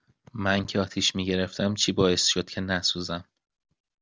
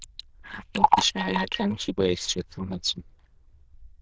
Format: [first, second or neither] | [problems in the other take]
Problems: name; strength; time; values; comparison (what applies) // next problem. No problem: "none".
first | noise reduction (neural diffusion model UNIVERSE++)